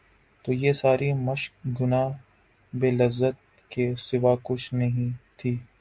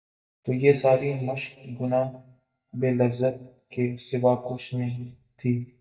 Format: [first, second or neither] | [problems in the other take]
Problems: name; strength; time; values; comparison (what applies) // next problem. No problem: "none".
first | noise reduction (neural mask model DeepFilterNet 3)